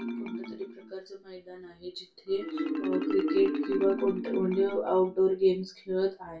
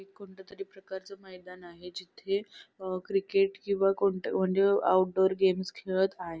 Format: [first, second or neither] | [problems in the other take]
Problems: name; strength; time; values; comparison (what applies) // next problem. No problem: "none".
second | background sound (Marimba, xylophone); 6 dB below the speech // room echo; dies away in 0.2 s